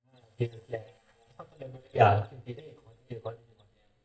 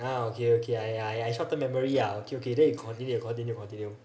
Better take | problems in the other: second | noise reduction (neural mask model DeepFilterNet 3)

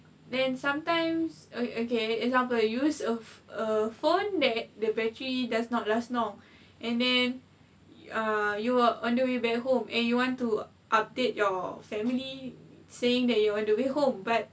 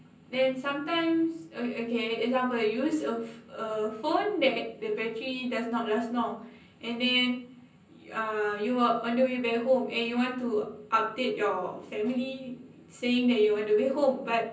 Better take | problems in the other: first | room echo; dies away in 0.6 s

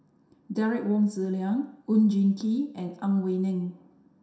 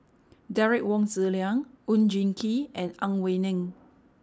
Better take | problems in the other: second | room echo; dies away in 0.7 s

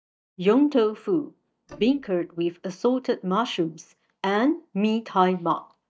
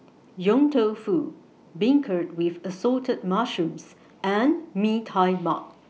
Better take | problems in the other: second | noise reduction (neural mask model DeepFilterNet 3)

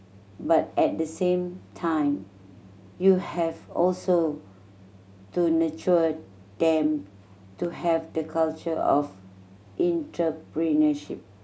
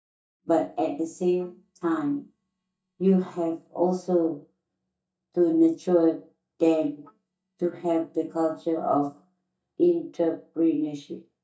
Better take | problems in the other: first | noise reduction (neural mask model DeepFilterNet 3)

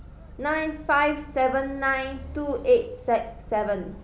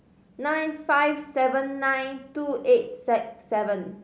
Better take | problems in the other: second | background sound (Motor vehicle (road)); 17 dB below the speech

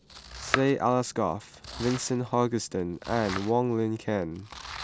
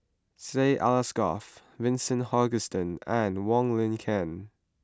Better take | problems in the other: second | background sound (Domestic sounds, home sounds); 11 dB below the speech

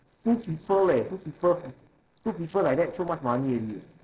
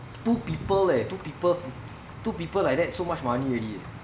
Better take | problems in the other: second | noise reduction (neural separator model SepFormer DNS4)

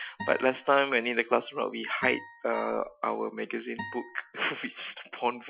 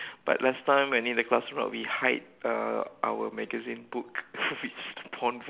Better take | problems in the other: second | noise reduction (classical method Wiener filter)

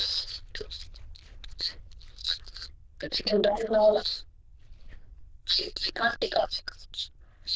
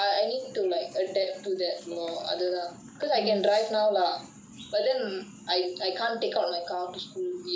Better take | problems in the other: second | noise reduction (neural diffusion model UNIVERSE++)

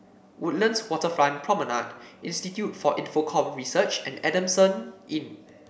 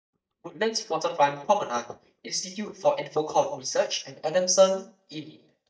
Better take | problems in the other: first | noise reduction (neural mask model DeepFilterNet 3)

